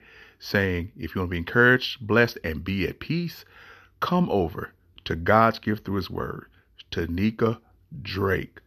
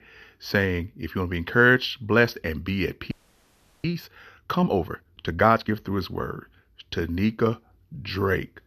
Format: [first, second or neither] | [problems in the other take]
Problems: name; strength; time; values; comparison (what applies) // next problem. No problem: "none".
first | audio freezing; at 3 s for 0.5 s